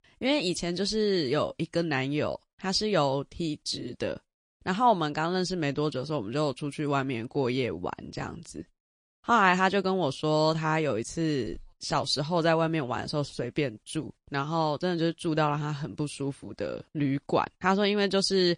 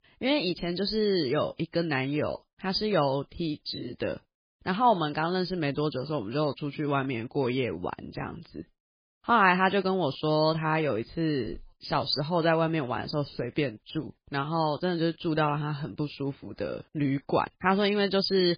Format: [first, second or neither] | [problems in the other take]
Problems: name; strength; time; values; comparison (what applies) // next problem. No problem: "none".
first | garbled, watery; badly; slightly in the first